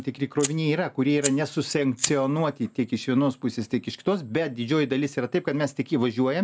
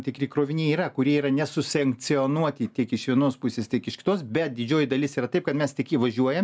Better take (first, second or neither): second